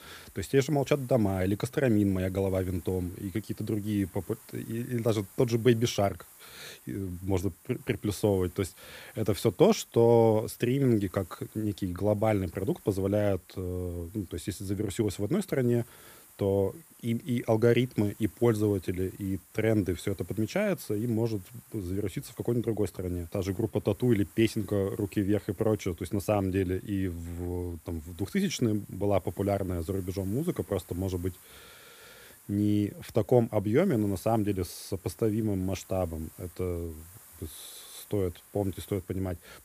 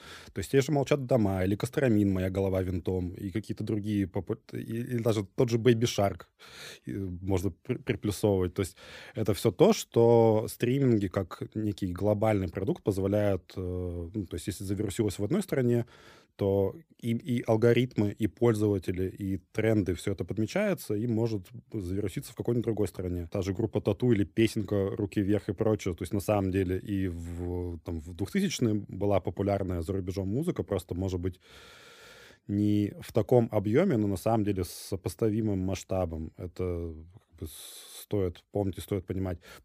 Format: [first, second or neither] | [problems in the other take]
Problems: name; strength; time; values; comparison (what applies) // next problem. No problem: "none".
second | hiss; faint; throughout; 25 dB below the speech